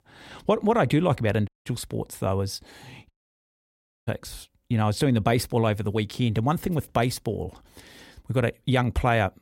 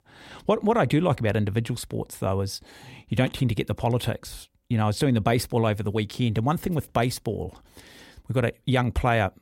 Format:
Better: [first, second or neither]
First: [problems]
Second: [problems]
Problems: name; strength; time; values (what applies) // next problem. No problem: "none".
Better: second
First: audio cutting out; at 1.5 s and at 3 s for 1 s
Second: none